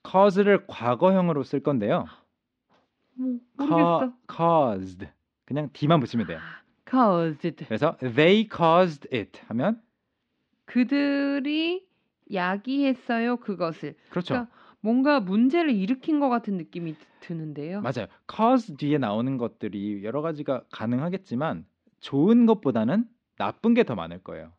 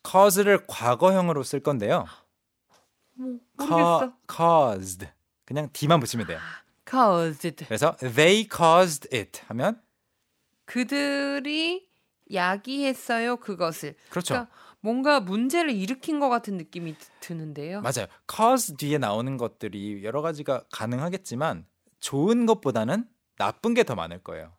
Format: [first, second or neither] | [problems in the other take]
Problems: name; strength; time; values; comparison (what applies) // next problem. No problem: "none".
second | muffled; slightly; fading above 4 kHz